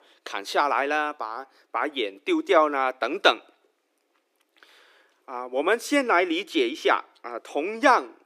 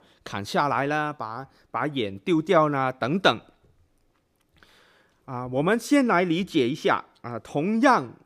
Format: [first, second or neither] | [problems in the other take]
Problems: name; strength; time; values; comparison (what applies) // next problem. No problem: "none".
second | thin; somewhat; fading below 300 Hz